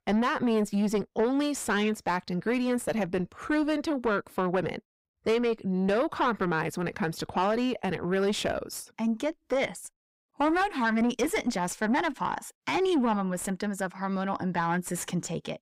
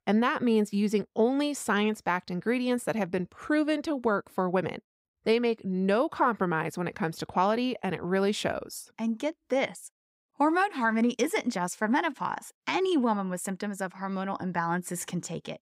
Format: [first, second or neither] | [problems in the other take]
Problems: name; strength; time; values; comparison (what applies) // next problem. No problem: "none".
second | distortion; slight; 9 dB below the speech